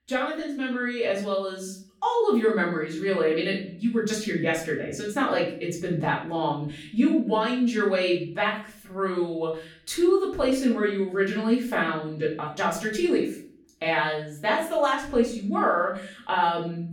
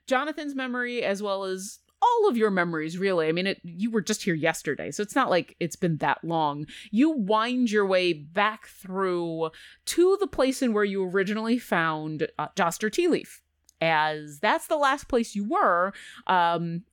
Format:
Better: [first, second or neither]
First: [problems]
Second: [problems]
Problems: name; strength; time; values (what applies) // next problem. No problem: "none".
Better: second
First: off-mic speech; far // room echo; slight; dies away in 0.5 s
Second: none